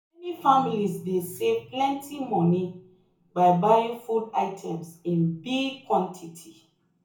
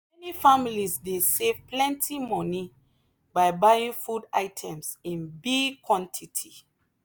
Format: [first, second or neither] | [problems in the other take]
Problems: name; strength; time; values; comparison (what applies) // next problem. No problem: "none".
second | room echo; dies away in 0.6 s